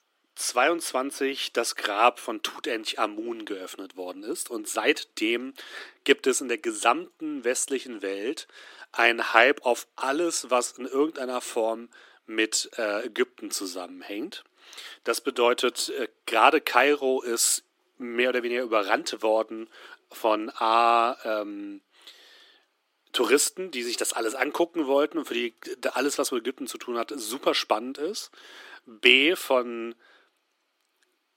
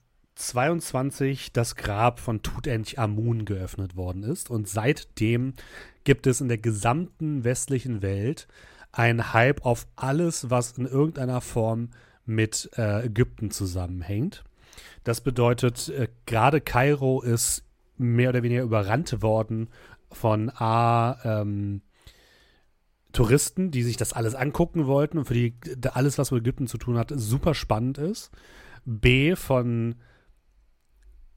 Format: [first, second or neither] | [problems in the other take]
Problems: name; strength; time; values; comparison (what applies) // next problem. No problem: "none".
second | thin; somewhat; fading below 300 Hz